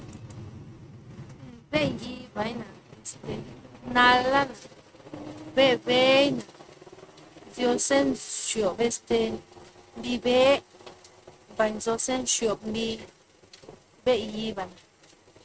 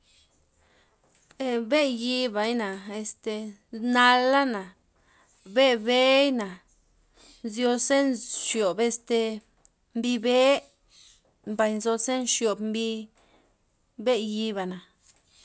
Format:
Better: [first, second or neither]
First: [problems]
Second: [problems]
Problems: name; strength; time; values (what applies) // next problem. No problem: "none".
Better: second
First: noise reduction (neural mask model RNNoise)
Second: none